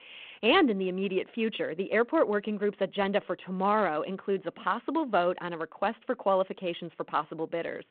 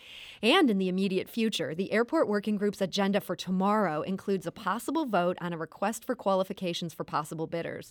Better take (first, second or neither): second